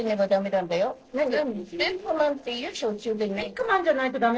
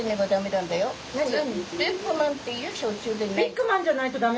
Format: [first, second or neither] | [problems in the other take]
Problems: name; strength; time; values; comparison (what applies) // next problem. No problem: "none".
second | noise reduction (neural separator model SepFormer DNS4)